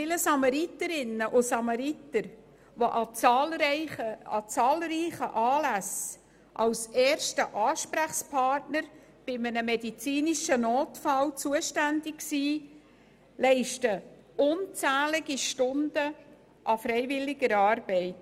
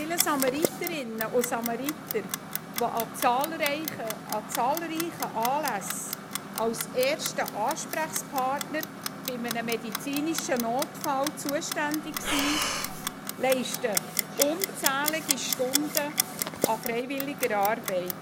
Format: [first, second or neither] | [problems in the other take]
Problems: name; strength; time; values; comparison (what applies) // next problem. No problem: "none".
first | background sound (Breathing + Clock); 3 dB below the speech